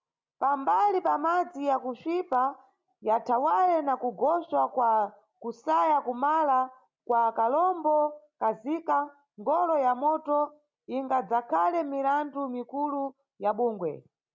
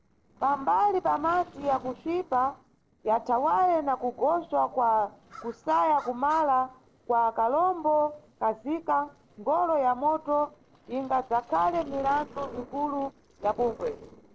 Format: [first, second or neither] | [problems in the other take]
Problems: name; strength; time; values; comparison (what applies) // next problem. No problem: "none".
first | noise reduction (neural separator model SepFormer DNS4)